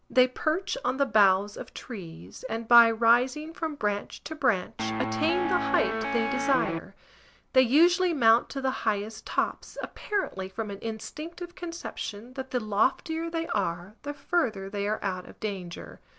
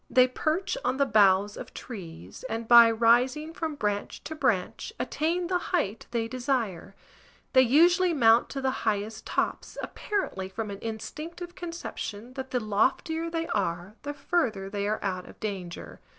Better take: second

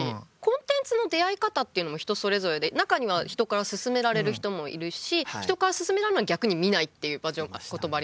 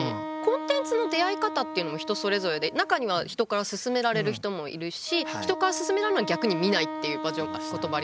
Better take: first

